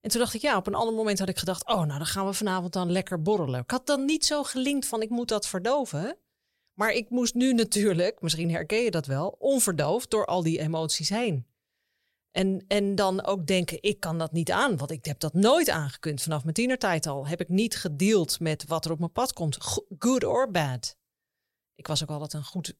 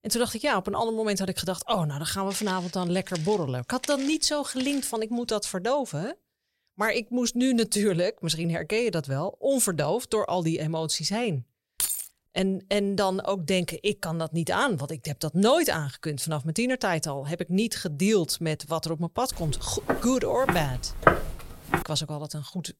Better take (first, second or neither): first